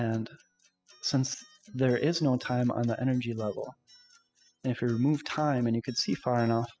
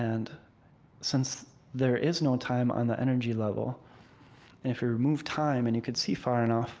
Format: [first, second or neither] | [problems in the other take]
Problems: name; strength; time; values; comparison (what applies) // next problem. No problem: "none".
second | noise reduction (classical method spectral subtraction)